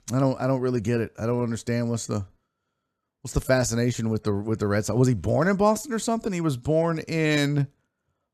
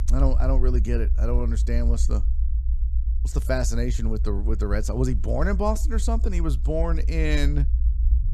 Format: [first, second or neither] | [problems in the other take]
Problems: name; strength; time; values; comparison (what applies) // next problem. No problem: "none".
first | low rumble; noticeable; throughout; 15 dB below the speech